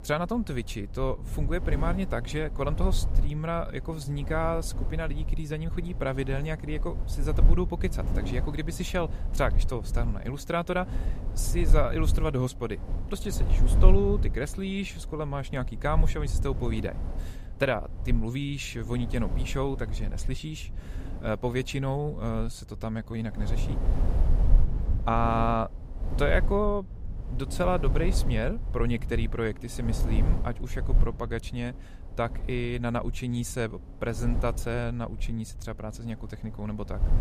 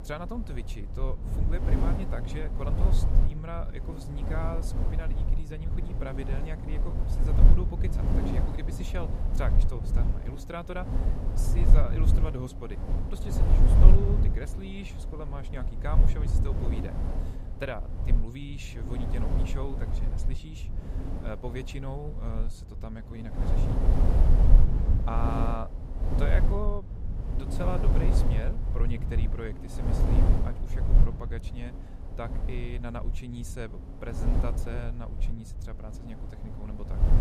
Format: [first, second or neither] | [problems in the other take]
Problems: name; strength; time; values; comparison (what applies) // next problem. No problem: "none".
first | wind noise on the microphone; heavy; 1 dB below the speech; occasional gusts in the first